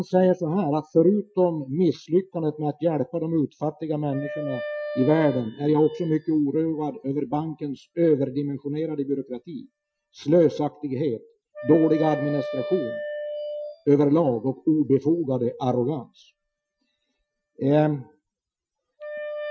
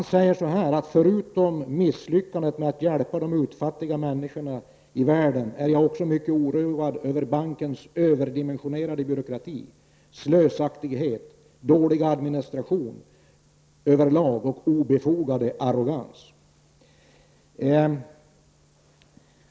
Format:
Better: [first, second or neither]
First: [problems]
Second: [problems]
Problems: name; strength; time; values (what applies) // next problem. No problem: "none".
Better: second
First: noise reduction (classical method Wiener filter)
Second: none